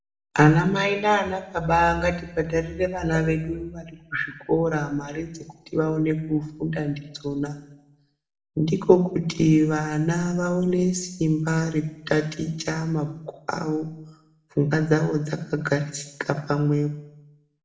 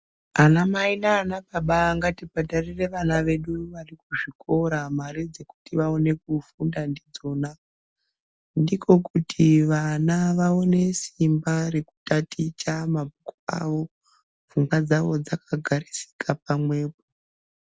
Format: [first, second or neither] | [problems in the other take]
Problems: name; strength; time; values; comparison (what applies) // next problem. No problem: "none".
second | room echo; dies away in 0.7 s